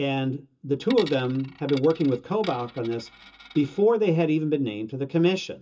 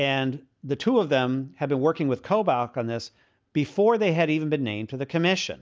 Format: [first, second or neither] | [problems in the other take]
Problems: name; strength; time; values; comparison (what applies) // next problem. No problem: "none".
second | background sound (Coin (dropping)); 19 dB below the speech // room echo; dies away in 0.2 s